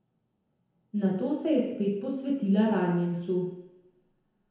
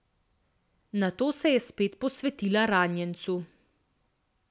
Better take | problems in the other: second | room echo; dies away in 1 s

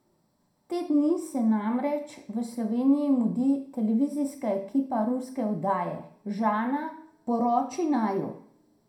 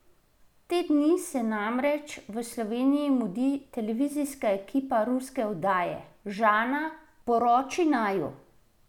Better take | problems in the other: second | room echo; dies away in 0.4 s

